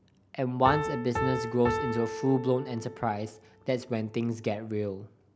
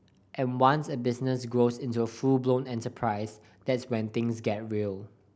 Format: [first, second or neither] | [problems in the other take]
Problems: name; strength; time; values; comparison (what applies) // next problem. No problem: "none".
second | background sound (Piano); 7 dB below the speech